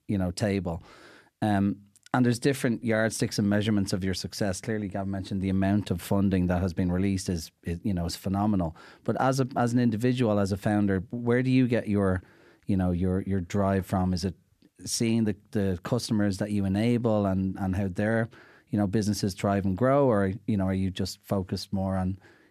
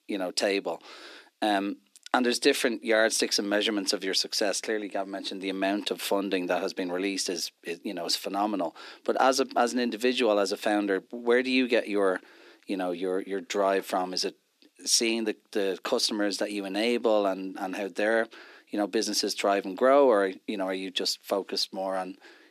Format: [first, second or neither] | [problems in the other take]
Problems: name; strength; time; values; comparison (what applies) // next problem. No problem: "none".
first | thin; somewhat; fading below 300 Hz